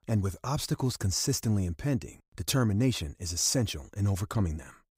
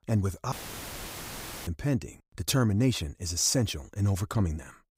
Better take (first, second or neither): first